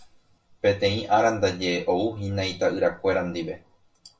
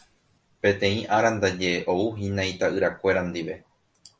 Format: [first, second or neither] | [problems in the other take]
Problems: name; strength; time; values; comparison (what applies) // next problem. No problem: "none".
second | room echo; dies away in 0.1 s